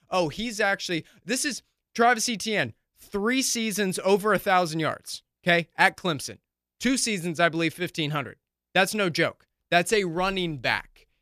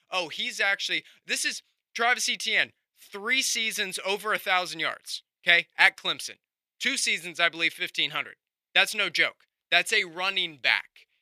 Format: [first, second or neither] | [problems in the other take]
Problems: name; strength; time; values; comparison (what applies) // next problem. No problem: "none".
first | thin; somewhat; fading below 900 Hz